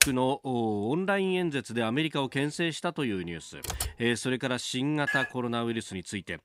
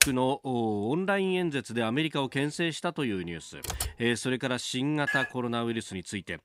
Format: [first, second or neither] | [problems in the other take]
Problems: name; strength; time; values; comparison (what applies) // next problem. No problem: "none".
neither | keyboard typing; very faint; at the start; peak 6 dB above the speech; the same in both // keyboard typing; noticeable; at 3.5 s; peak 4 dB below the speech; the same in both // clattering dishes; noticeable; at 5 s; peak level with the speech; the same in both